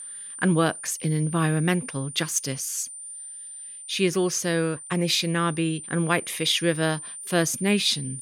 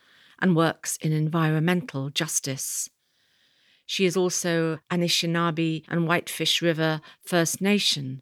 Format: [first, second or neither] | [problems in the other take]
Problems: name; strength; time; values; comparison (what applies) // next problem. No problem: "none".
second | high-pitched whine; noticeable; throughout; 9 kHz, 10 dB below the speech